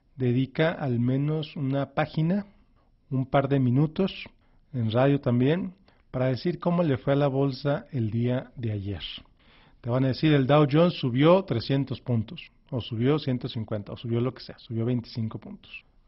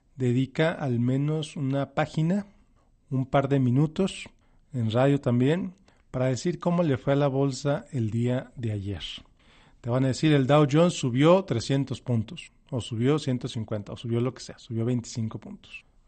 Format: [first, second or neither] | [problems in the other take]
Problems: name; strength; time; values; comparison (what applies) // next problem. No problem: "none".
second | garbled, watery; badly; nothing above 5.5 kHz; slightly in the second